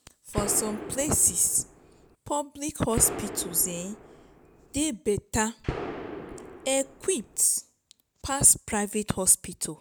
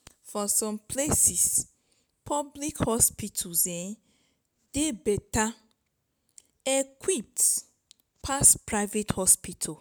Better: second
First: background sound (Gunshot, gunfire); 10 dB below the speech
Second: none

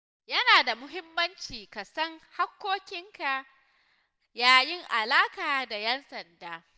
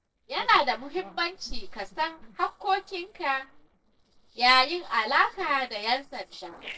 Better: first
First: none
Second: noise reduction (neural separator model SepFormer DNS4)

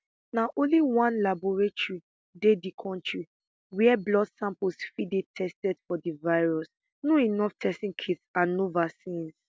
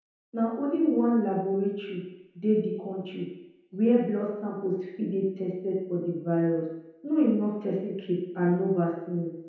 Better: first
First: none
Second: room echo; dies away in 0.9 s

